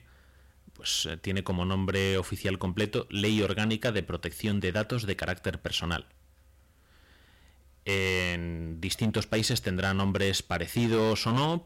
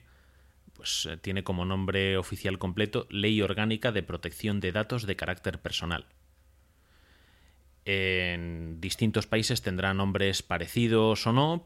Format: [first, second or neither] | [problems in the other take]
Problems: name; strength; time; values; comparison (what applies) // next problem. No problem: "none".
second | distortion; slight; 6% of the sound clipped